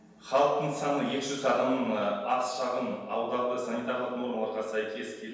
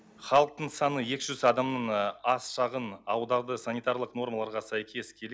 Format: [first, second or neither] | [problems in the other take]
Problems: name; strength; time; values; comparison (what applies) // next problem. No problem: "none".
second | room echo; dies away in 1.2 s